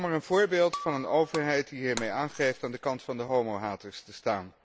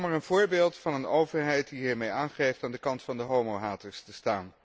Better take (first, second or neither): second